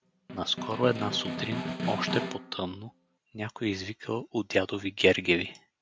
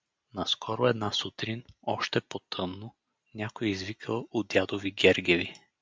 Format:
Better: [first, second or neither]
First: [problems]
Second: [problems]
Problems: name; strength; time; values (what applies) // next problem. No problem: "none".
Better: second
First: background sound (Snare drum); 6 dB below the speech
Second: none